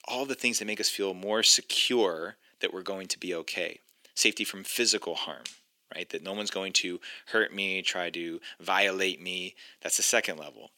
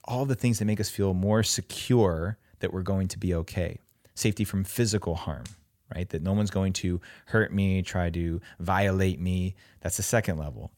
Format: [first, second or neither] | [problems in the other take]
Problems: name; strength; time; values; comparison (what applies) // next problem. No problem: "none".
second | thin; somewhat; fading below 300 Hz